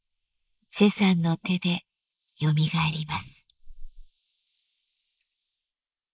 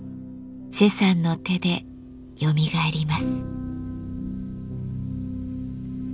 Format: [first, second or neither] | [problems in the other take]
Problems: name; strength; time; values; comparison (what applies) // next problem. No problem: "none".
second | noise reduction (neural mask model Resemble Enhance denoiser)